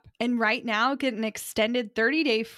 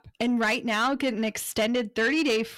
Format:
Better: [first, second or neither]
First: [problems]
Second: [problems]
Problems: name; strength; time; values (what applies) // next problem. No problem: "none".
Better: first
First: none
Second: distortion; slight; 10 dB below the speech